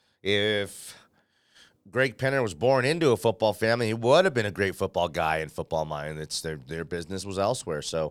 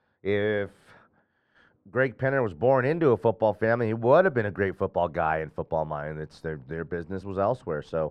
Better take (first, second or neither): first